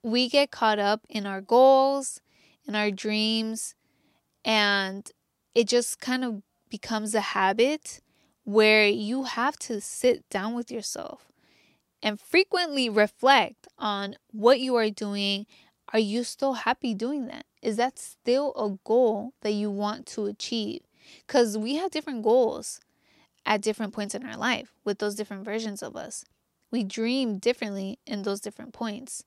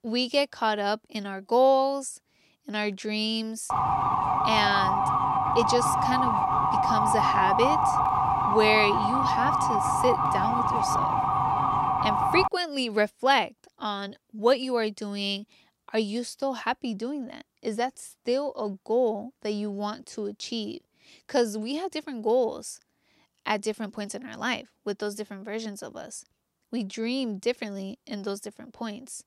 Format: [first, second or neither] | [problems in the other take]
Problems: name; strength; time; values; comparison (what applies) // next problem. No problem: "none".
first | siren; loud; from 3.5 to 12 s; peak 6 dB above the speech